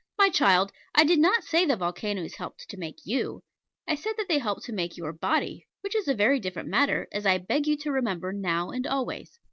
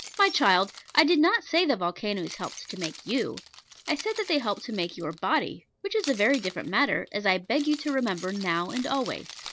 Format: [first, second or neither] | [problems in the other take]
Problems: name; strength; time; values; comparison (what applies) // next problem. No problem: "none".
first | background sound (Keys jangling); 17 dB below the speech